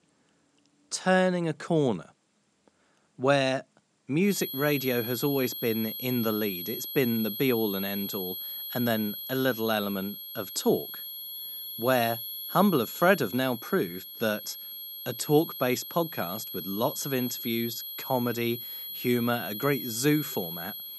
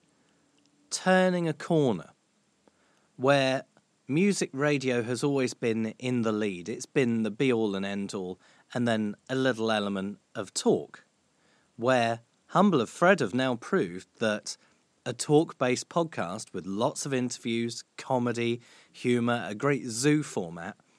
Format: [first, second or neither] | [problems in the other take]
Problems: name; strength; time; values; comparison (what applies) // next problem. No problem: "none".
second | high-pitched whine; loud; from 4.5 s on; 11.5 kHz, 7 dB below the speech